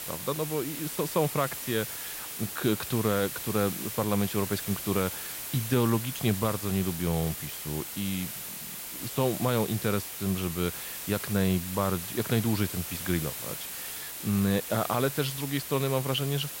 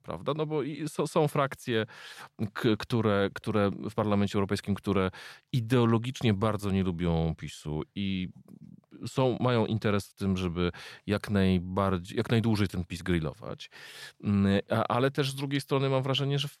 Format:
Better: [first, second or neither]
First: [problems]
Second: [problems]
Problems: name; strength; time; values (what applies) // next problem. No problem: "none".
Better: second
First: hiss; loud; throughout; 5 dB below the speech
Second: none